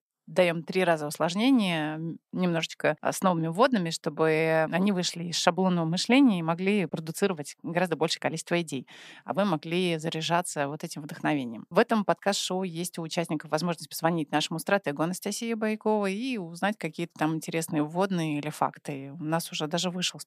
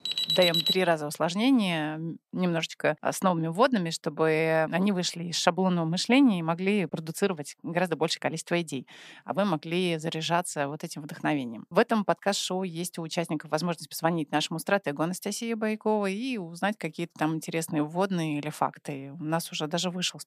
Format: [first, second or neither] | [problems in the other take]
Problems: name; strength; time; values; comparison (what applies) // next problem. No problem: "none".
first | alarm; loud; at the start; peak 4 dB above the speech